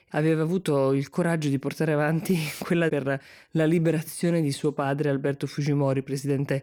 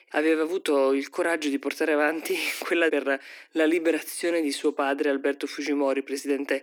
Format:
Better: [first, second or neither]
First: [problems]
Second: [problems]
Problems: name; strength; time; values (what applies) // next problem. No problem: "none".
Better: first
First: none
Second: thin; somewhat; fading below 300 Hz